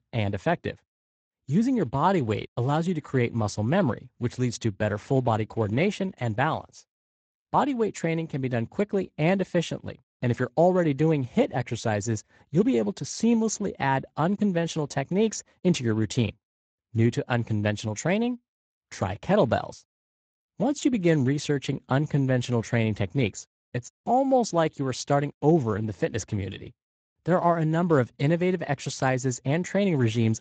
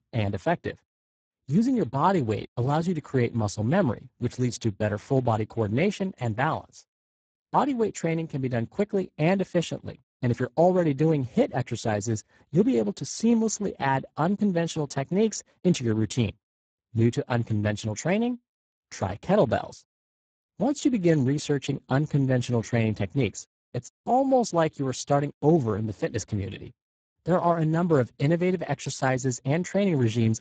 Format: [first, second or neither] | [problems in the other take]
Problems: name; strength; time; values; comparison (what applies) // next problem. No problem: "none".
first | garbled, watery; badly; nothing above 7.5 kHz; slightly in the first